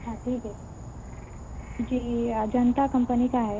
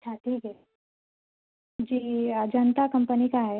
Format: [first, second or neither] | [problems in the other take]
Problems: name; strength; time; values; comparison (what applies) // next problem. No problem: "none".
second | background sound (Insect / Frog); 12 dB below the speech